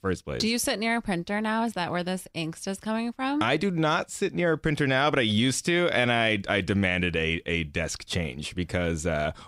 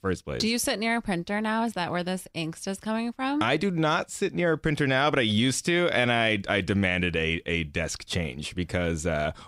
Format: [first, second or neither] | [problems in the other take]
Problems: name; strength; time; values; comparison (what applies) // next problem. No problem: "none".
neither | none